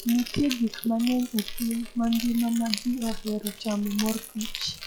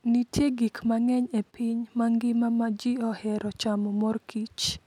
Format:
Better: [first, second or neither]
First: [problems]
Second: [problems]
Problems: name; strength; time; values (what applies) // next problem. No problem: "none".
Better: second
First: noise reduction (classical method log-MMSE)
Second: none